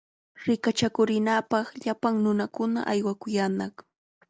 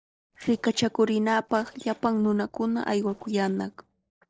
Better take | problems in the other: first | noise reduction (neural separator model SepFormer DNS4)

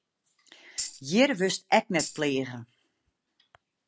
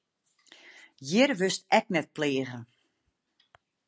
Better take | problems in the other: second | background sound (Tambourine); 9 dB below the speech

